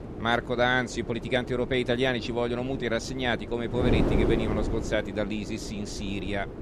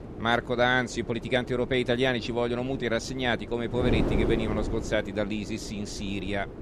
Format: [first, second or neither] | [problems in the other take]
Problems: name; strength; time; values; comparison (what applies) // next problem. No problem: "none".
second | wind noise on the microphone; heavy; 8 dB below the speech; occasional gusts in the second